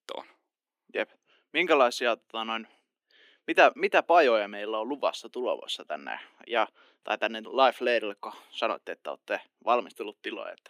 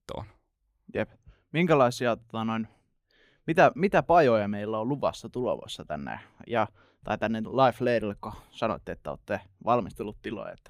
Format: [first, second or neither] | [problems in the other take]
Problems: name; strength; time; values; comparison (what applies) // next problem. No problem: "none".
second | thin; somewhat; fading below 300 Hz